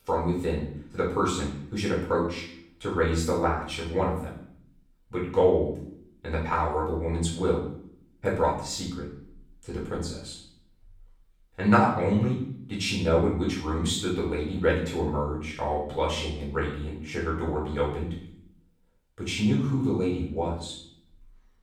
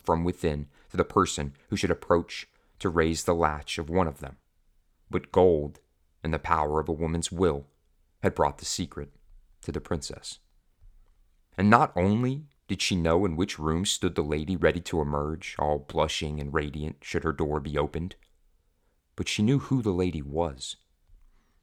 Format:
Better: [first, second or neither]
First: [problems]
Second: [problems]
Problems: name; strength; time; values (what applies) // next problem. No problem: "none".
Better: second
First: off-mic speech; far // room echo; noticeable; dies away in 0.6 s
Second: none